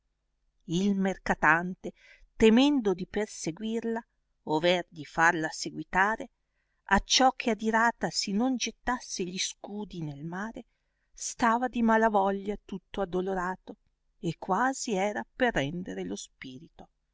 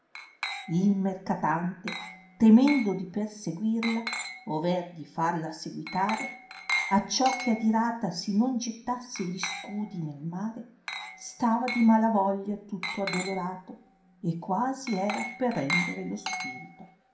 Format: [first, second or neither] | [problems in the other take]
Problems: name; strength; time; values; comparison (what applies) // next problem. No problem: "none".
first | background sound (Glass); 10 dB below the speech // room echo; dies away in 0.5 s